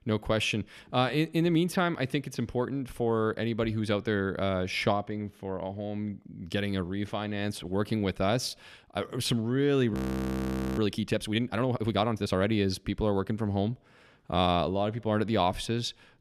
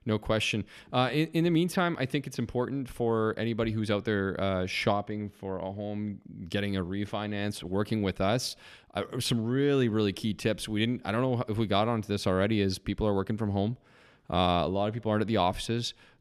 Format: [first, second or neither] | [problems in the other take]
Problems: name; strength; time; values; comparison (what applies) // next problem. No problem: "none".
second | audio freezing; at 10 s for 1 s